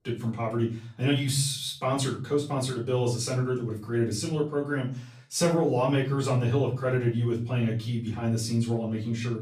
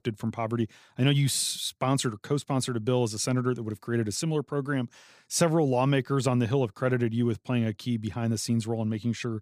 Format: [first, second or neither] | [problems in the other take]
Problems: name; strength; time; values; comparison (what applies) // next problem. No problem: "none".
second | room echo; slight; dies away in 0.3 s // off-mic speech; far